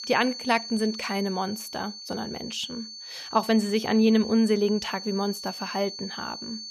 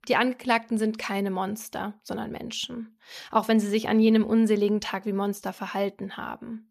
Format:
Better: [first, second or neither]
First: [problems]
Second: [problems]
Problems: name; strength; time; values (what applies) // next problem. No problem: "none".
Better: second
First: high-pitched whine; noticeable; throughout; 4.5 kHz, 10 dB below the speech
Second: none